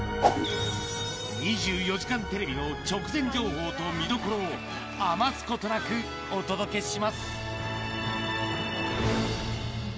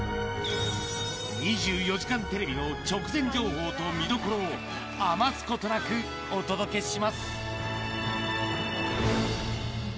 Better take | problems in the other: second | background sound (Whoosh, swoosh, swish); 5 dB above the speech

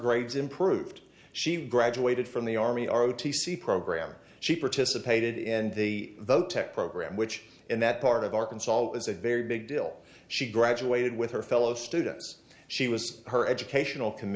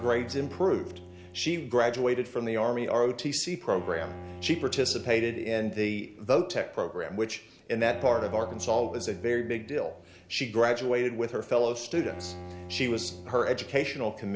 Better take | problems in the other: first | background sound (Bowed string instrument); 17 dB below the speech

